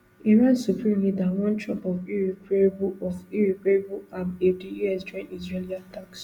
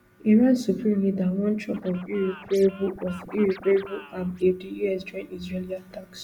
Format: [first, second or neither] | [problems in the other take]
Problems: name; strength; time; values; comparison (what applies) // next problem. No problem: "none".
first | background sound (Scratching (performance technique)); 19 dB below the speech